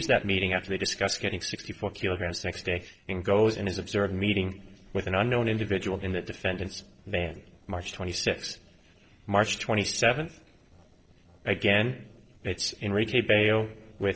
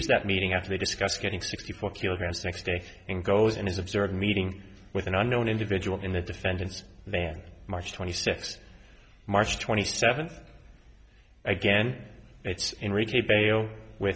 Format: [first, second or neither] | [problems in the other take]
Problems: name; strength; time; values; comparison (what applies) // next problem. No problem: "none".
second | noise reduction (neural separator model SepFormer DNS4)